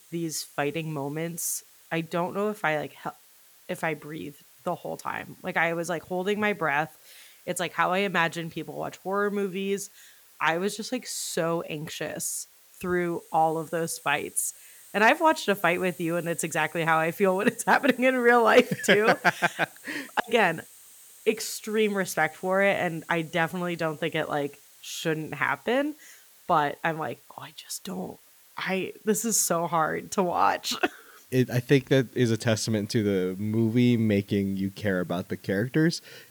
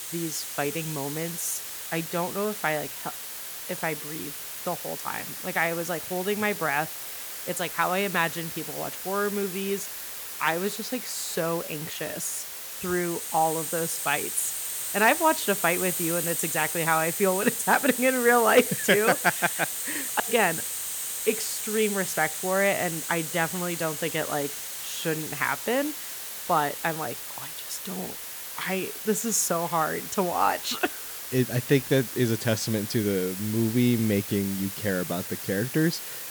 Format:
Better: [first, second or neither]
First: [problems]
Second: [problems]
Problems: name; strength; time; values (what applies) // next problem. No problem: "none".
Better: first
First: hiss; faint; throughout; 25 dB below the speech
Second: hiss; loud; throughout; 5 dB below the speech